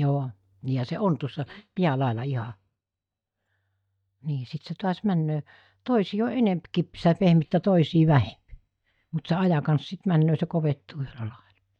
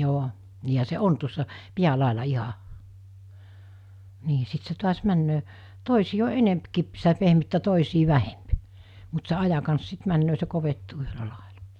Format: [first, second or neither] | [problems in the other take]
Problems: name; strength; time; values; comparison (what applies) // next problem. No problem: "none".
second | noise reduction (neural mask model DeepFilterNet 3)